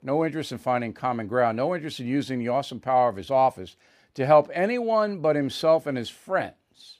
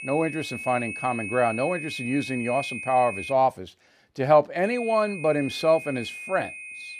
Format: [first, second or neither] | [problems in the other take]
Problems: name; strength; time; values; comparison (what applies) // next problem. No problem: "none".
first | high-pitched whine; loud; until 3.5 s and from 4.5 s on; 2.5 kHz, 9 dB below the speech